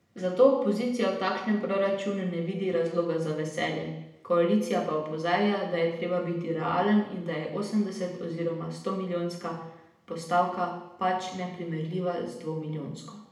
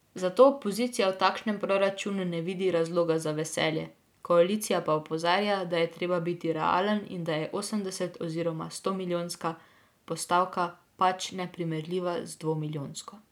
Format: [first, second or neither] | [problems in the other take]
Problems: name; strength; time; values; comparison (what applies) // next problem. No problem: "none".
second | room echo; dies away in 0.8 s